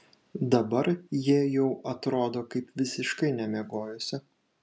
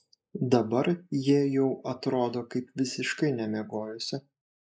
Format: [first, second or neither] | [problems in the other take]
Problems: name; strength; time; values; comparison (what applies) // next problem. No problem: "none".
first | noise reduction (neural mask model Resemble Enhance denoiser)